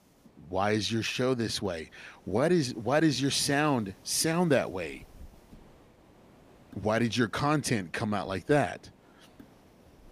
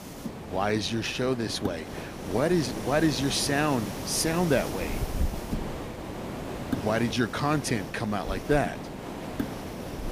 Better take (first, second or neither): first